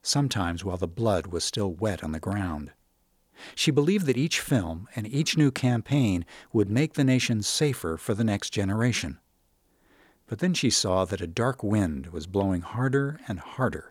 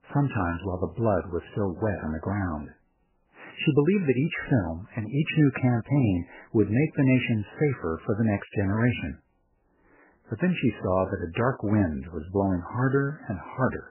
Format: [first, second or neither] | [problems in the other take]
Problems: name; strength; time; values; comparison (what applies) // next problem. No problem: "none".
first | garbled, watery; badly; nothing above 3 kHz